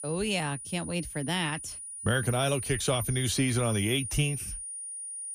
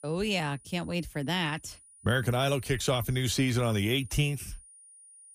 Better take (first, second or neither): second